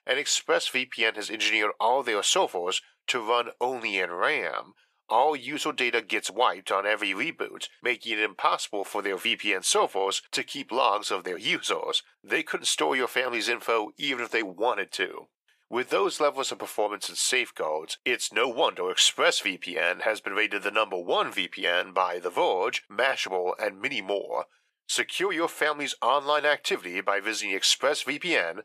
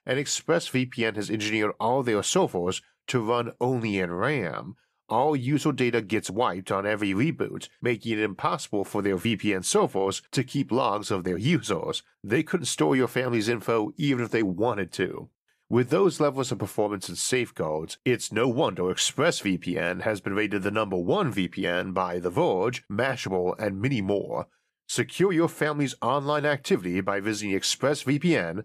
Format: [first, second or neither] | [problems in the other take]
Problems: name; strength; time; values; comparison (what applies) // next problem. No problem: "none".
second | thin; very; fading below 650 Hz